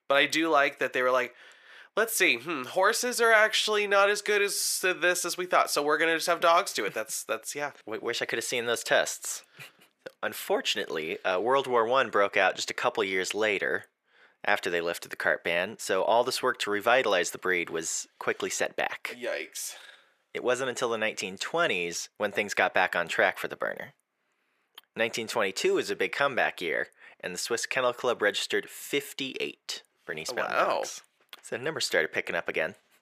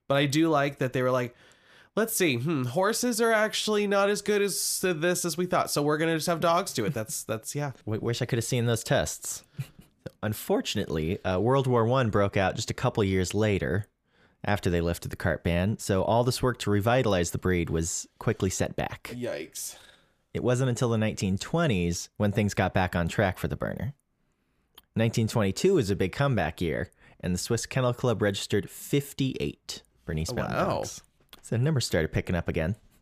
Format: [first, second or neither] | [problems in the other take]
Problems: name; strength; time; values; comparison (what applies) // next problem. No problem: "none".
second | thin; very; fading below 450 Hz